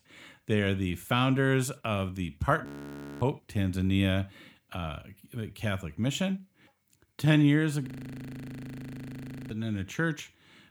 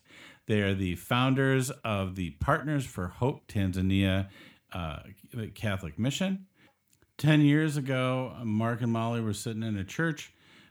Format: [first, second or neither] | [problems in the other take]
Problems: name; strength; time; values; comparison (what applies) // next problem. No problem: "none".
second | audio freezing; at 2.5 s for 0.5 s and at 8 s for 1.5 s